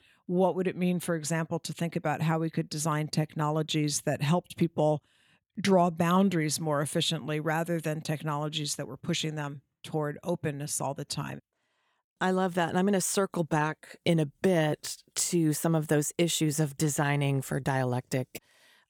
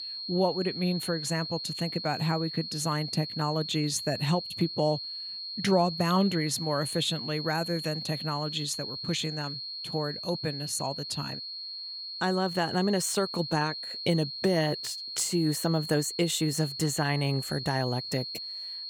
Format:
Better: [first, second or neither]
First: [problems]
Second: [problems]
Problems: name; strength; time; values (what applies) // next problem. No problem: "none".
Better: first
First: none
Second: high-pitched whine; loud; throughout; 4.5 kHz, 6 dB below the speech